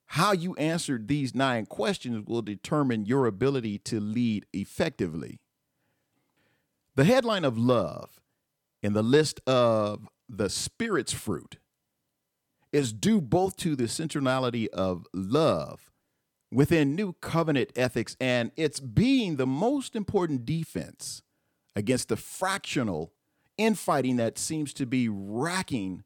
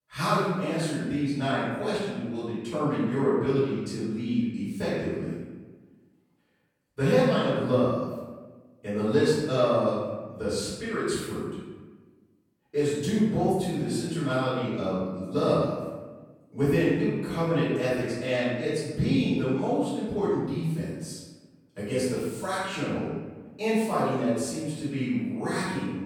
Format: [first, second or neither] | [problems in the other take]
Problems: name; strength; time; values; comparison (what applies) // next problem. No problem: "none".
first | off-mic speech; far // room echo; strong; dies away in 1.1 s